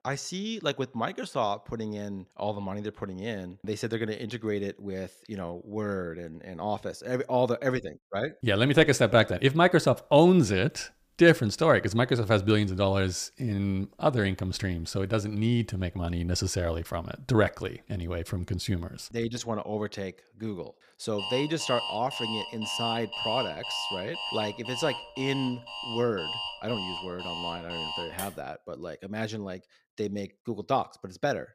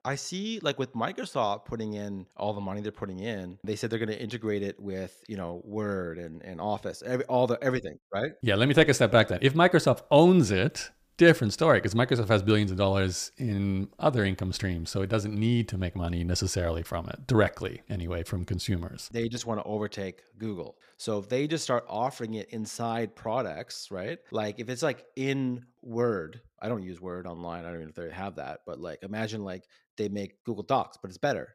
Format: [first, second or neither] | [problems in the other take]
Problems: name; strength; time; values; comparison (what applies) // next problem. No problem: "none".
second | alarm; noticeable; from 21 to 28 s; peak 2 dB below the speech